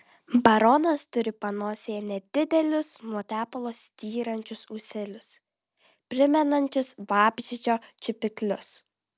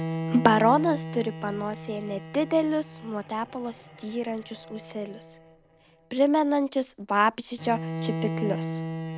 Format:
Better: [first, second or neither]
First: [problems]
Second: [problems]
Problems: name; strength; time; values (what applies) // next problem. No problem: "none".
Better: first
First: none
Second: background sound (Bowed string instrument); 8 dB below the speech